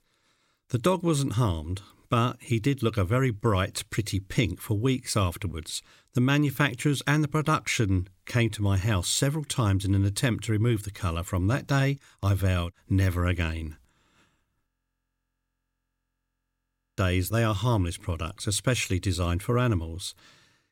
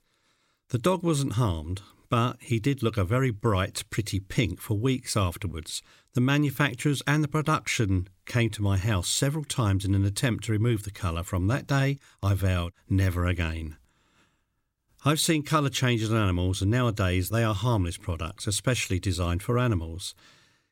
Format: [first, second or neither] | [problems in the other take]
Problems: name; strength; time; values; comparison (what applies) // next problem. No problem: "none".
second | audio freezing; at 15 s for 2.5 s